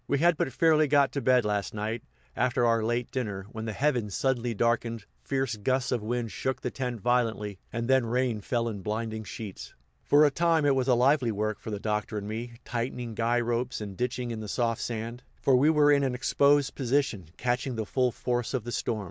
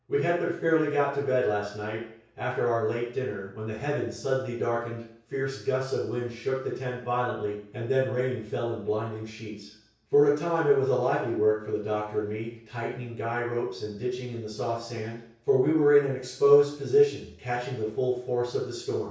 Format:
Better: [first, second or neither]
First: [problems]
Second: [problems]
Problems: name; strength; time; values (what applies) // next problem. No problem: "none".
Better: first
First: none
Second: room echo; dies away in 0.6 s